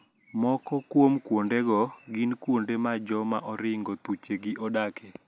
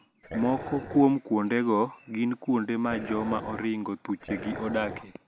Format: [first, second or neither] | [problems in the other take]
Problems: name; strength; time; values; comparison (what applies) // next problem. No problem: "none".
first | background sound (Dog); 11 dB below the speech